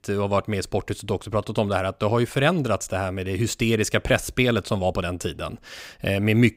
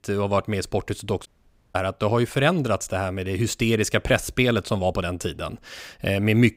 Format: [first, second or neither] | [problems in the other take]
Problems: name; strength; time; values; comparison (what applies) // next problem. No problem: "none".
first | audio cutting out; at 1.5 s